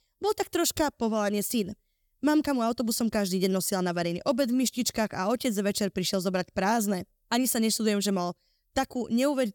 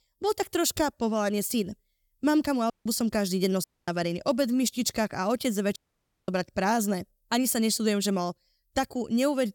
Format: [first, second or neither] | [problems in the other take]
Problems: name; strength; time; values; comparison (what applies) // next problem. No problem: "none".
first | audio cutting out; at 2.5 s, at 3.5 s and at 6 s for 0.5 s